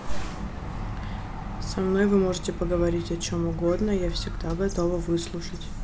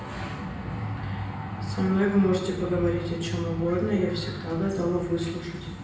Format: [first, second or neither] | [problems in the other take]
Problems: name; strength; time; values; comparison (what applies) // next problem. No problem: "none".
first | room echo; dies away in 0.9 s